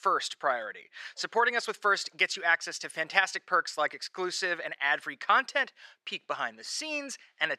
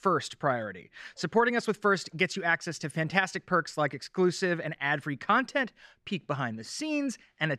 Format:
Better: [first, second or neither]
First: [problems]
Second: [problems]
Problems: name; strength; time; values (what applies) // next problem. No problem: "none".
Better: second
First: thin; very; fading below 650 Hz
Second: none